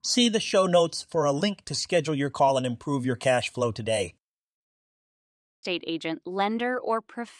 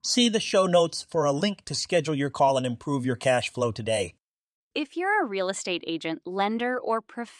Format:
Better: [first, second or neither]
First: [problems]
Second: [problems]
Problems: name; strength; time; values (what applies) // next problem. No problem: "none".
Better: second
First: audio cutting out; at 4.5 s for 1 s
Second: none